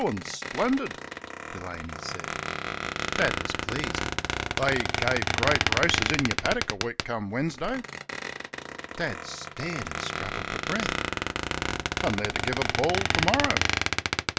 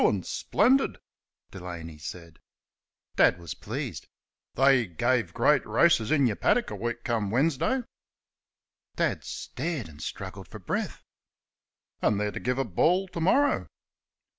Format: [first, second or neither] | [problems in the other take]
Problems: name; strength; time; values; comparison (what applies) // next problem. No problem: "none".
second | background sound (Squeak); 1 dB above the speech